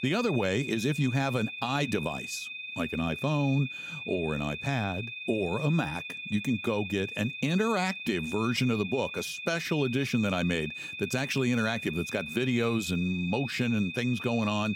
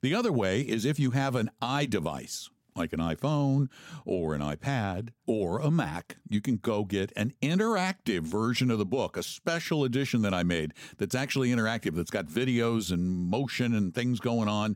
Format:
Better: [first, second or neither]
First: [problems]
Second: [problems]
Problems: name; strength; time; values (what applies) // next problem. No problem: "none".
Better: second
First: high-pitched whine; loud; throughout; 2.5 kHz, 7 dB below the speech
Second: none